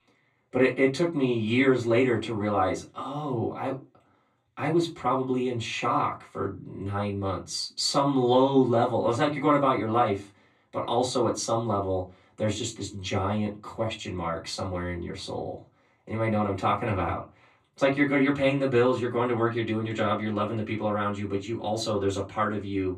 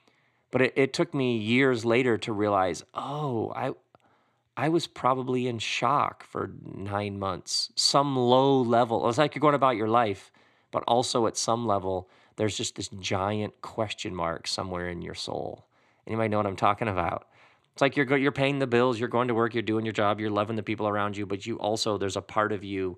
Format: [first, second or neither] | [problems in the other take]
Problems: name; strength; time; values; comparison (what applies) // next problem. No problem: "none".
second | off-mic speech; far // room echo; very slight; dies away in 0.2 s